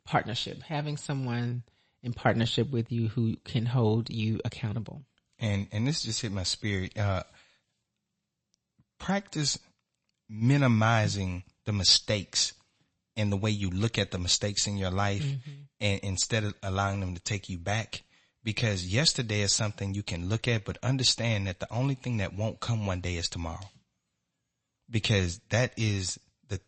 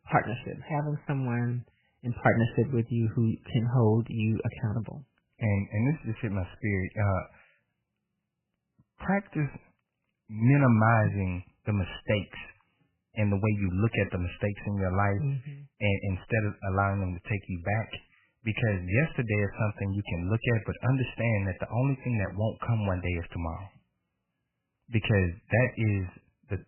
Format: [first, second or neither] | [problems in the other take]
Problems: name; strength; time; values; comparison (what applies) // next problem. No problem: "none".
first | garbled, watery; badly; nothing above 3 kHz; slightly in the first